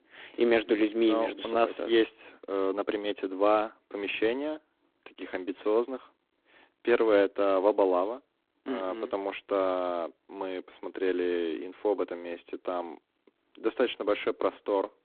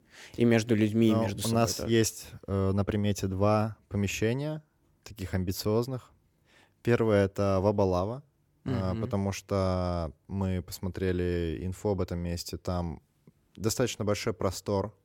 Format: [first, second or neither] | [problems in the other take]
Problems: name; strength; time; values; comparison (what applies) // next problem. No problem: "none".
second | phone-call audio; poor line